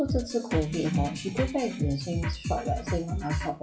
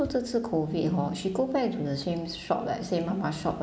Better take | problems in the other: second | noise reduction (classical method WPE with log-MMSE)

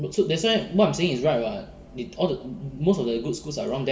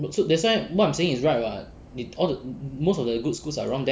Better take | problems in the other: second | room echo; dies away in 1.2 s

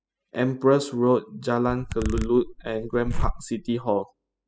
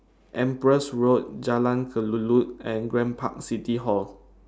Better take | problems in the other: second | noise reduction (classical method spectral subtraction)

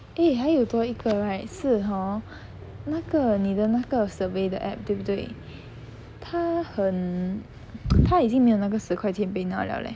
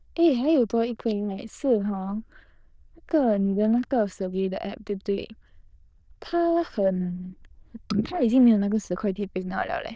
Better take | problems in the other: first | noise reduction (neural diffusion model UNIVERSE++)

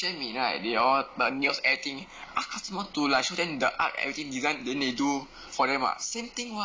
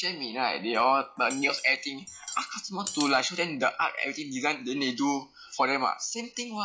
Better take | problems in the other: first | noise reduction (classical method log-MMSE)

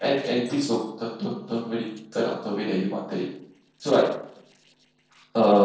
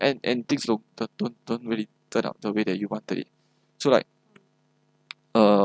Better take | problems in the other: second | noise reduction (neural separator model SepFormer DNS4)

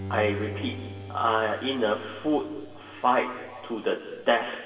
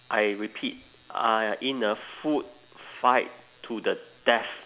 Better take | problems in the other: second | background sound (Bowed string instrument); 13 dB below the speech // room echo; dies away in 2.4 s

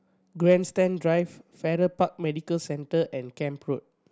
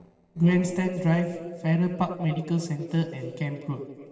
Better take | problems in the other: first | noise reduction (neural separator model SepFormer DNS4)

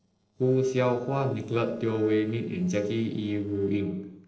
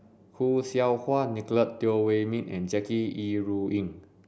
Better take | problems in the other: second | noise reduction (neural separator model SepFormer DNS4)

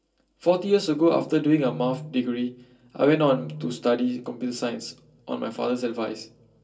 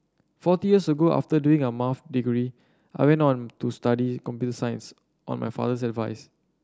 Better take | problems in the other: second | room echo; dies away in 0.2 s

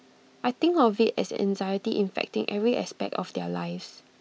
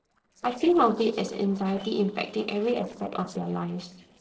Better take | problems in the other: first | noise reduction (neural separator model SepFormer DNS4)

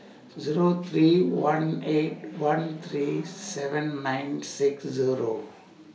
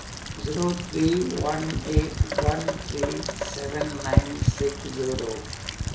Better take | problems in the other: first | background sound (Rain); 1 dB above the speech

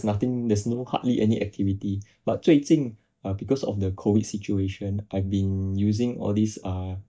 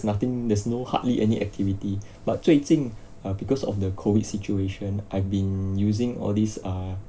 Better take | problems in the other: second | noise reduction (neural mask model DeepFilterNet 3)

